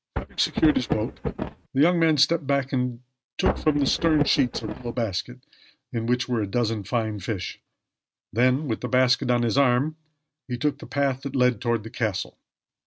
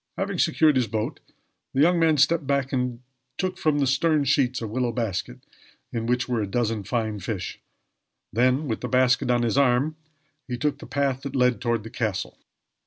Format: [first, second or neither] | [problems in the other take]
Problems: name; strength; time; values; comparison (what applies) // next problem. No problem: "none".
second | noise reduction (neural mask model RNNoise)